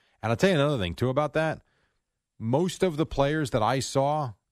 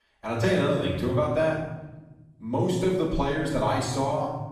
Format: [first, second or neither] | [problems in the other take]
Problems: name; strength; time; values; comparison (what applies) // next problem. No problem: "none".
first | off-mic speech; far // room echo; noticeable; dies away in 1 s